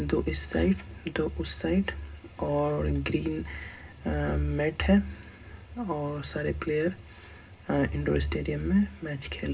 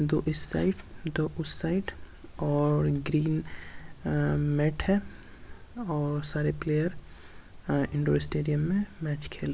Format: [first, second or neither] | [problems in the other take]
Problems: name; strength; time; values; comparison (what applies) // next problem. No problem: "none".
second | room echo; dies away in 0.2 s